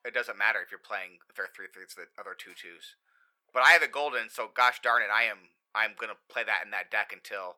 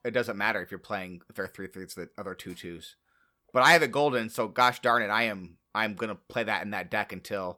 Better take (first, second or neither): second